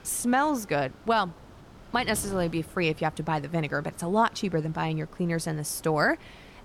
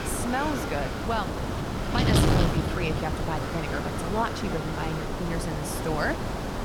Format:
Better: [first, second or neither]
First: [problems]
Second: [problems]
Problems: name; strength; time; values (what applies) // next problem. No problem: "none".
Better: first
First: wind noise on the microphone; occasional gusts; 25 dB below the speech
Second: wind noise on the microphone; heavy; as loud as the speech